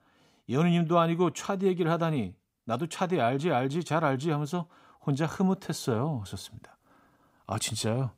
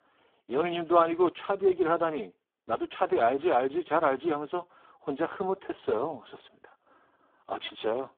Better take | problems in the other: first | phone-call audio; poor line

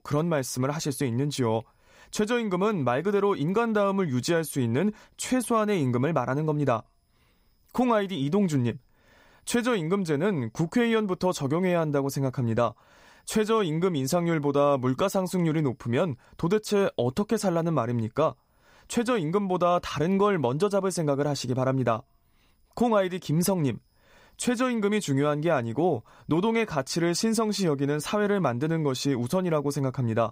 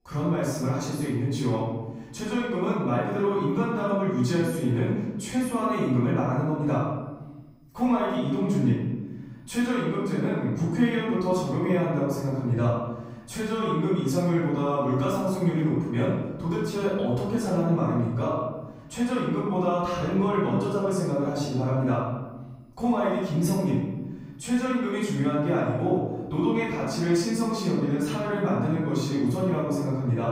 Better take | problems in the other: first | off-mic speech; far // room echo; noticeable; dies away in 1.2 s

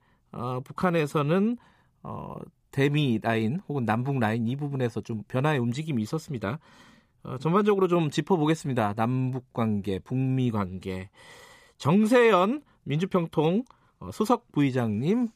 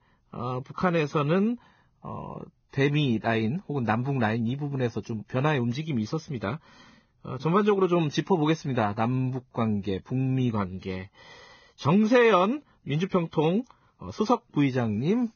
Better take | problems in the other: first | garbled, watery; badly; nothing above 6.5 kHz

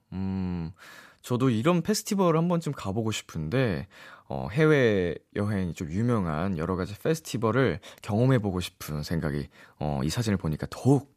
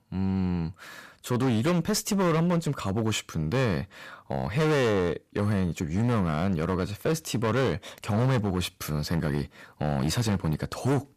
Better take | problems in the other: first | distortion; heavy; 17% of the sound clipped

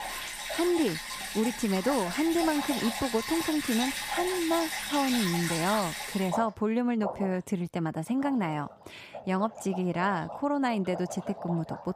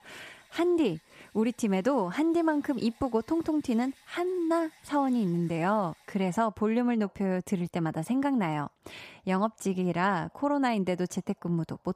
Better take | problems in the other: second | rain or running water; loud; throughout; 5 dB below the speech; faint in the second

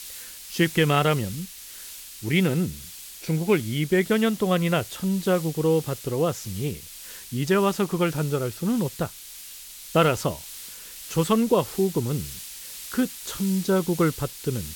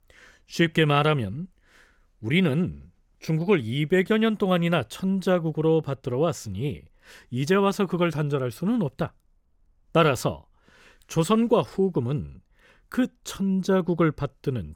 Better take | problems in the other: second | hiss; noticeable; throughout; 15 dB below the speech

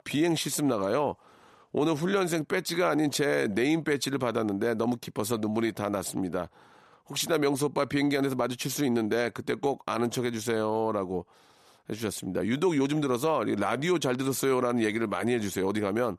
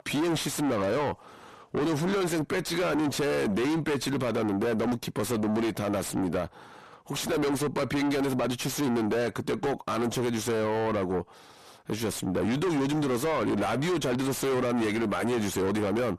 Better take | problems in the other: first | distortion; heavy; 6 dB below the speech

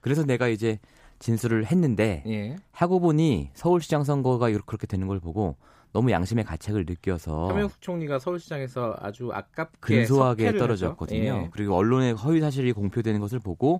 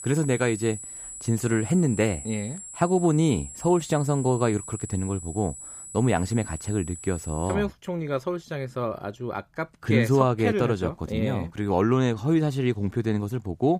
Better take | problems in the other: first | high-pitched whine; noticeable; until 7.5 s; 8 kHz, 10 dB below the speech

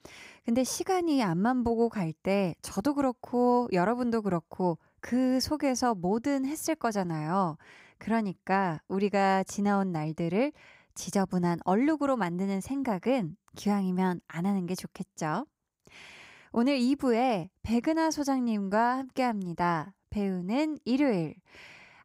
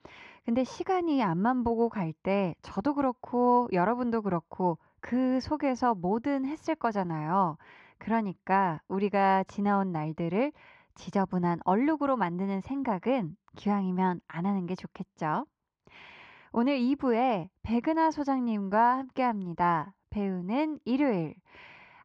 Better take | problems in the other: first | muffled; slightly; fading above 3.5 kHz

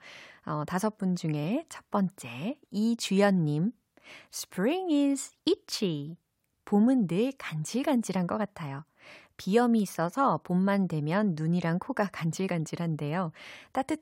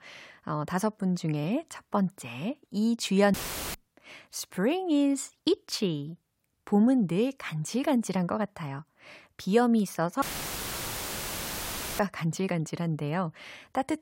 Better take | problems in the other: first | audio cutting out; filled with static; at 3.5 s and at 10 s for 2 s

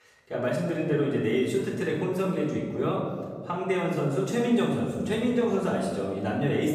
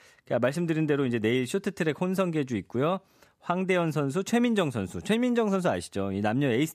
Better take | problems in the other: second | off-mic speech; far // room echo; noticeable; dies away in 1.7 s

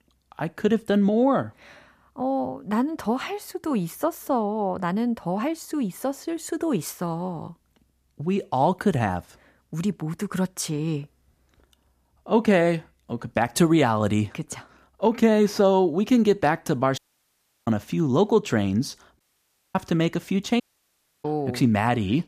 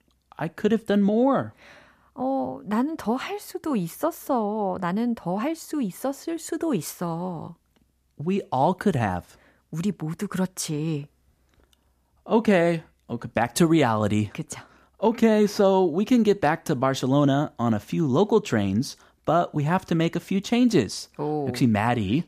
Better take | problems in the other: second | audio cutting out; at 17 s for 0.5 s, at 19 s for 0.5 s and at 21 s for 0.5 s

